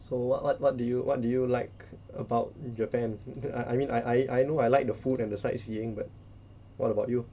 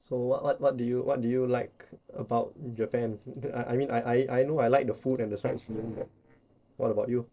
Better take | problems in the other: first | noise reduction (neural separator model SepFormer DNS4)

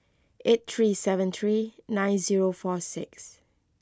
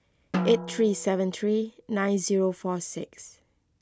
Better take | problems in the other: first | background sound (Drum); 8 dB below the speech

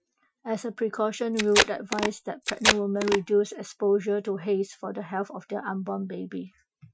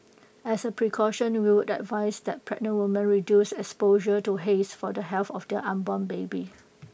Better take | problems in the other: second | noise reduction (classical method Wiener filter)

